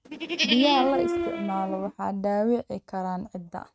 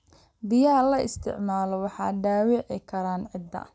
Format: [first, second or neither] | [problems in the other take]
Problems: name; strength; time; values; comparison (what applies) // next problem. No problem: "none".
second | noise reduction (neural mask model RNNoise)